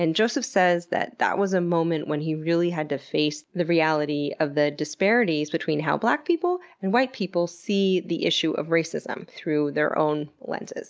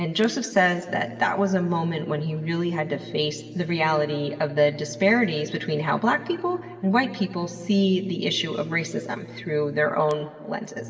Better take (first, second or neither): first